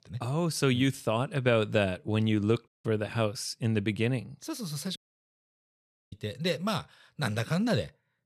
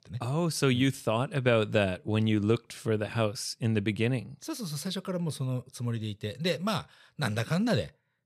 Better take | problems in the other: second | audio cutting out; at 2.5 s and at 5 s for 1 s

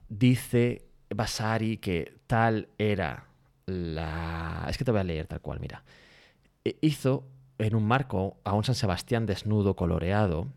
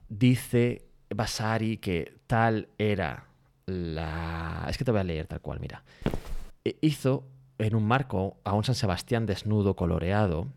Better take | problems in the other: first | footsteps; noticeable; at 6 s; peak 5 dB below the speech

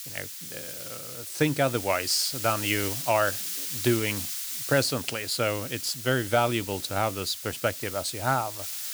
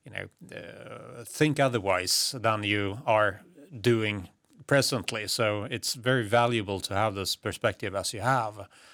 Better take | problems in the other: second | hiss; loud; throughout; 6 dB below the speech

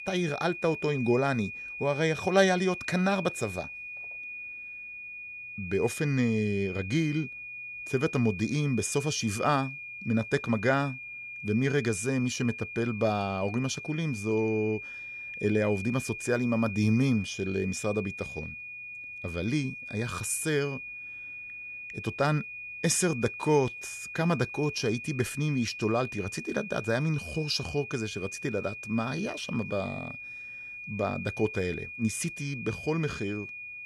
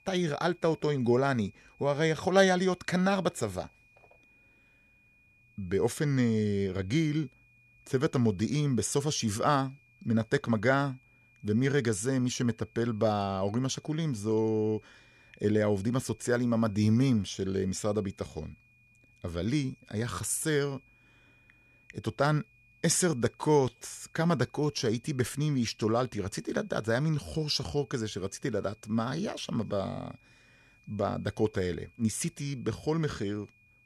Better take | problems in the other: second | high-pitched whine; loud; throughout; 2.5 kHz, 9 dB below the speech; faint in the second

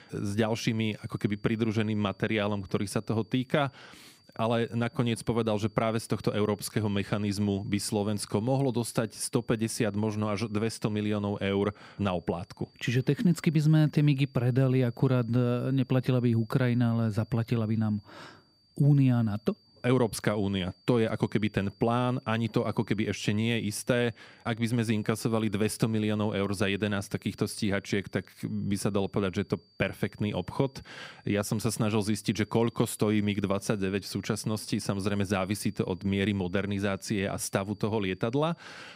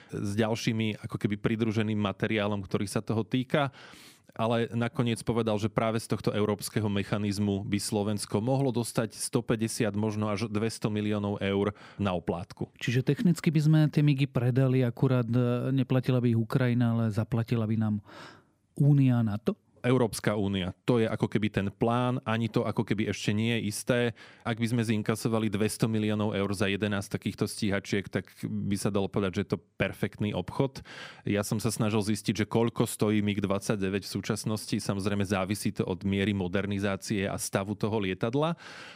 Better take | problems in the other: second | high-pitched whine; faint; throughout; 4.5 kHz, 30 dB below the speech

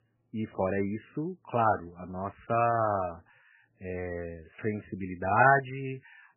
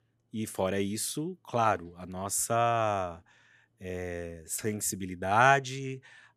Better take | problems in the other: second | garbled, watery; badly; nothing above 2.5 kHz

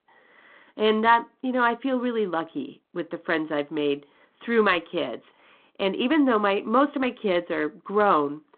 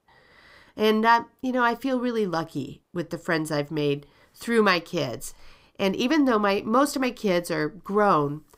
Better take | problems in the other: second | phone-call audio

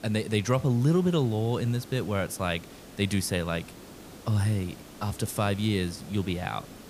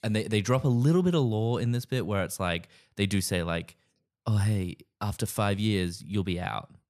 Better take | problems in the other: second | hiss; noticeable; throughout; 20 dB below the speech

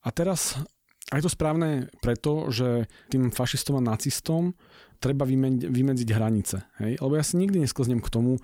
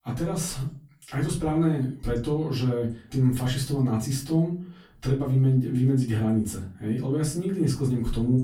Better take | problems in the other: first | off-mic speech; far // room echo; slight; dies away in 0.3 s

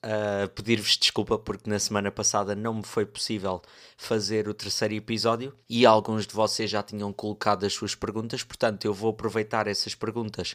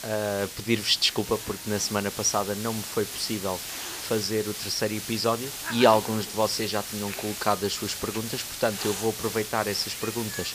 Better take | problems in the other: first | hiss; loud; throughout; 7 dB below the speech

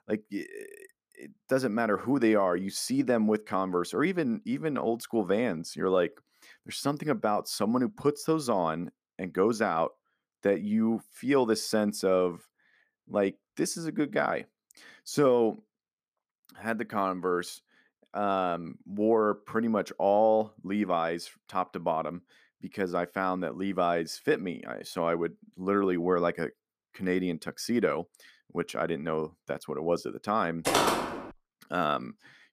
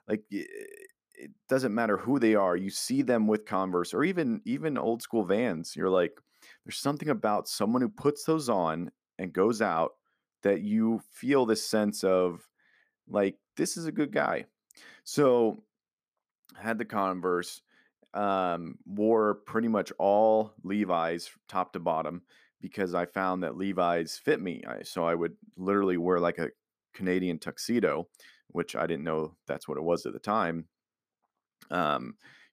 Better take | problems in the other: second | footsteps; loud; at 31 s; peak 4 dB above the speech

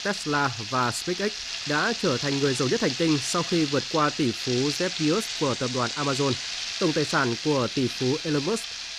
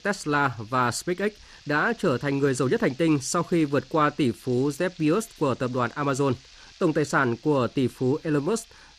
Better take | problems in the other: second | household noises; loud; throughout; 4 dB below the speech; faint in the second

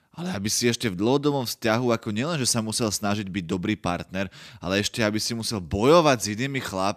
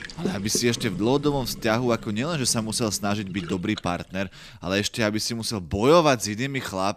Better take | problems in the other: first | household noises; noticeable; throughout; 15 dB below the speech

